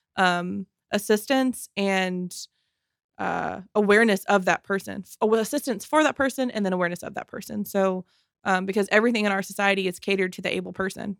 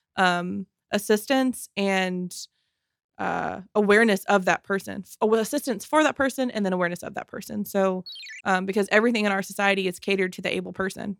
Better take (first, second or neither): first